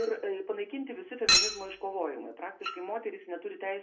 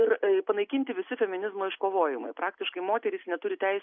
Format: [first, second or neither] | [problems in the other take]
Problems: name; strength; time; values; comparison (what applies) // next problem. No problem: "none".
second | background sound (Chink, clink); 2 dB above the speech // room echo; dies away in 0.3 s